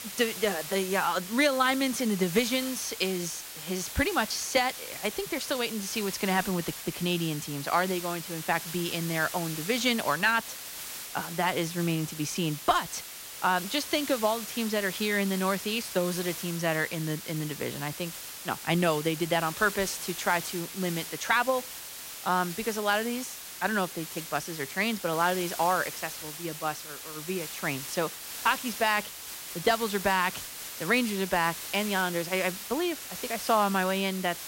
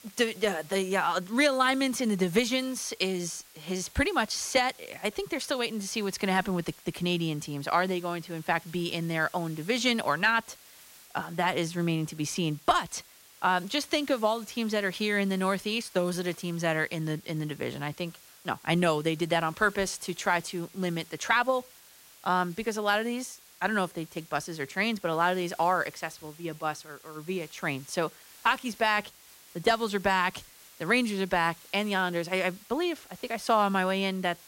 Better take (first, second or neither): second